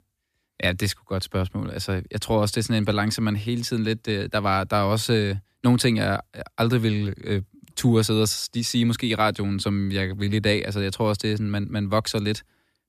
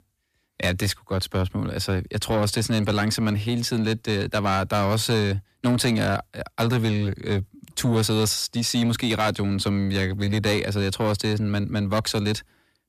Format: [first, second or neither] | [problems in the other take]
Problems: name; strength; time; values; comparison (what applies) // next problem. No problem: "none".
first | distortion; slight; 10 dB below the speech